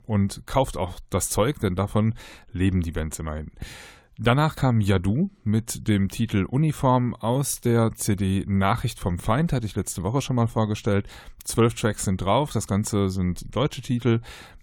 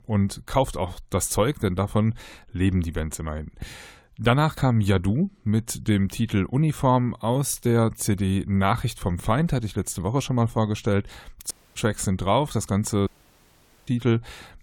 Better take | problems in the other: first | audio cutting out; at 12 s and at 13 s for 1 s

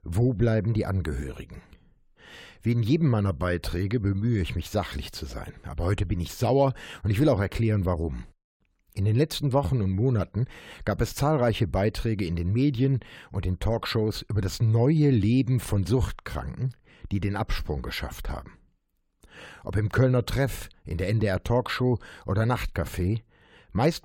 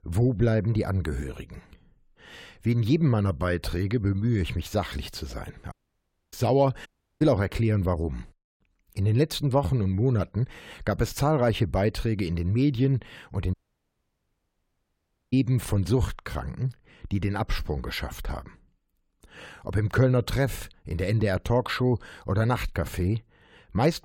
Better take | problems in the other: first | audio cutting out; at 5.5 s for 0.5 s, at 7 s and at 14 s for 2 s

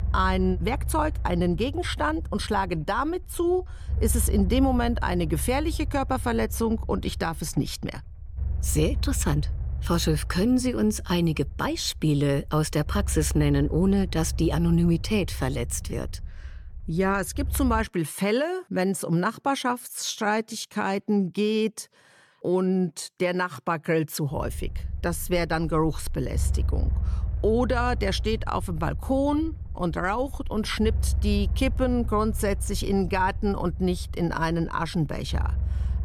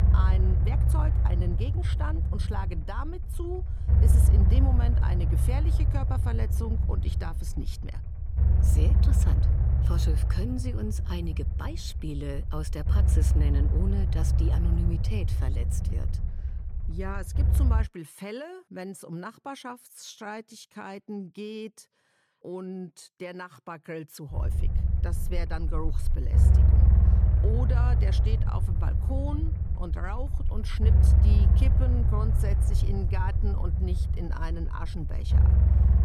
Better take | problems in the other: first | low rumble; loud; until 18 s and from 24 s on; 2 dB below the speech; faint in the first

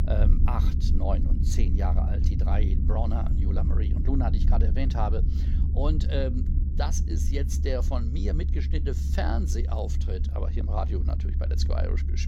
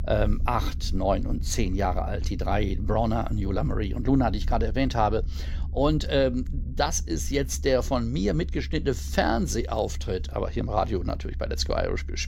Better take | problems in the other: second | low rumble; loud; throughout; 7 dB below the speech; faint in the second

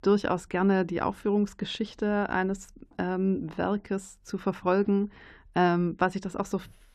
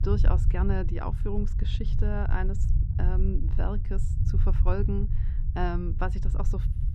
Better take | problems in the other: first | low rumble; loud; throughout; 9 dB below the speech

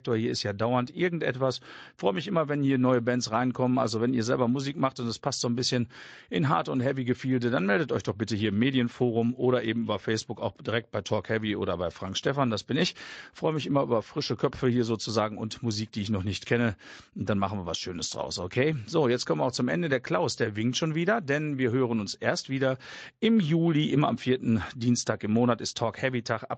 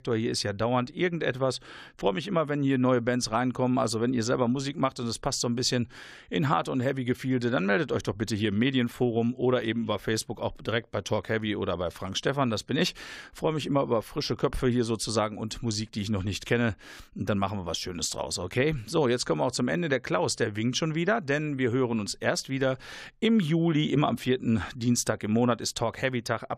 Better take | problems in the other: second | garbled, watery; slightly; nothing above 7.5 kHz

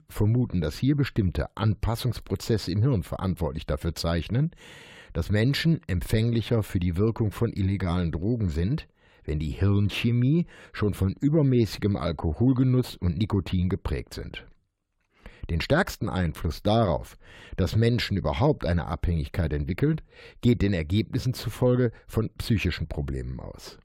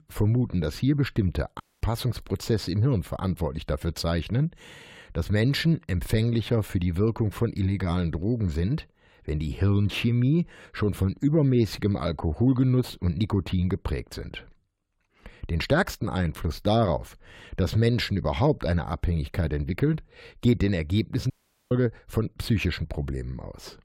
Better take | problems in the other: first | audio cutting out; at 1.5 s and at 21 s

